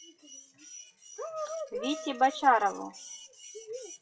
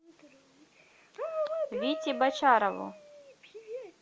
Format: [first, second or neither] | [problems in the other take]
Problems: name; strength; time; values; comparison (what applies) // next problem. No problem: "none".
second | noise reduction (classical method WPE with log-MMSE)